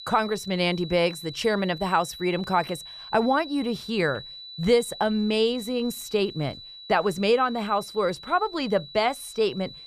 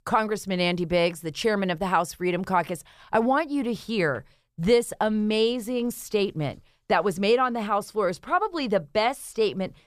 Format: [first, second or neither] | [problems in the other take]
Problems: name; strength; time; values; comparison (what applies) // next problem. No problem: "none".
second | high-pitched whine; noticeable; throughout; 4 kHz, 15 dB below the speech